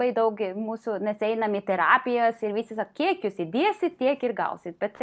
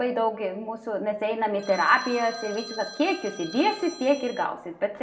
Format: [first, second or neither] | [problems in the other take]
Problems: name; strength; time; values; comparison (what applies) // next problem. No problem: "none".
first | background sound (Telephone); 15 dB below the speech // room echo; dies away in 0.5 s